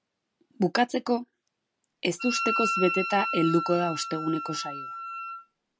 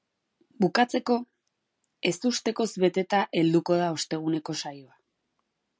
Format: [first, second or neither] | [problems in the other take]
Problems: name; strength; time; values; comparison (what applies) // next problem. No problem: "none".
second | background sound (Wind instrument, woodwind instrument); 3 dB below the speech